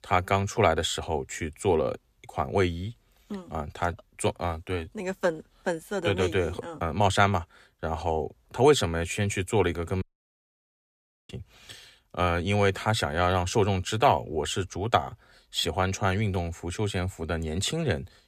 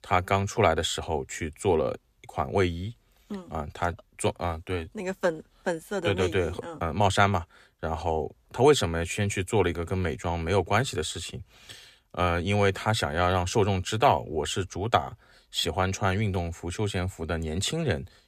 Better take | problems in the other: second | audio cutting out; at 10 s for 1.5 s

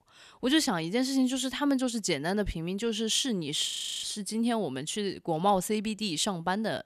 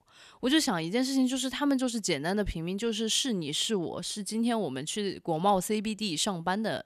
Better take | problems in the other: second | audio freezing; at 3.5 s

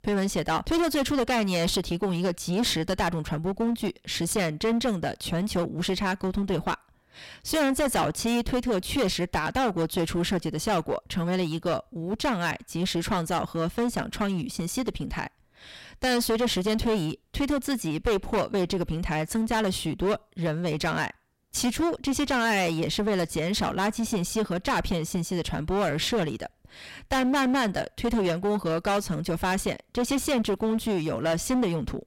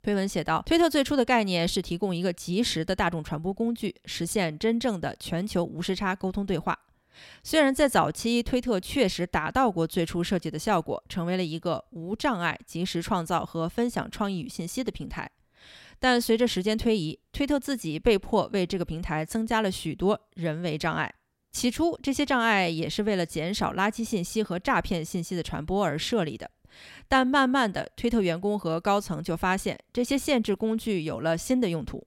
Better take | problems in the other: second | distortion; heavy; 16% of the sound clipped

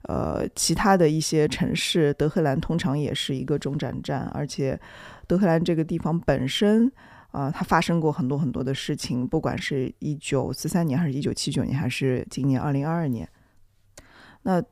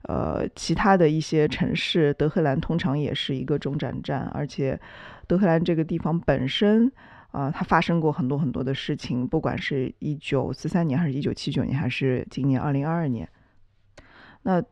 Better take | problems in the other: first | muffled; slightly; fading above 3 kHz

